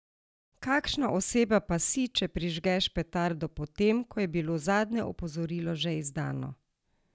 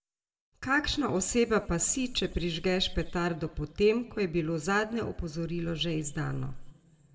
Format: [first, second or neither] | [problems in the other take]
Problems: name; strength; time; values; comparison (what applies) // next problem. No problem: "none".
first | background sound (Wind); 11 dB below the speech // room echo; dies away in 1.1 s